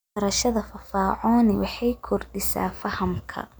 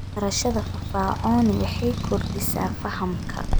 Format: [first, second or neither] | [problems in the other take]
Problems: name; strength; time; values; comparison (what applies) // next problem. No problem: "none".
first | background sound (Water + Motorcycle); 2 dB below the speech